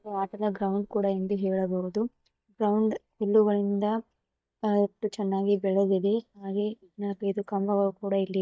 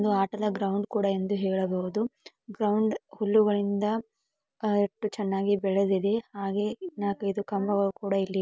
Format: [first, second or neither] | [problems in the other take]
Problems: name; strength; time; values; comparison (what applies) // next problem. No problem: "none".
second | noise reduction (neural mask model DeepFilterNet 3)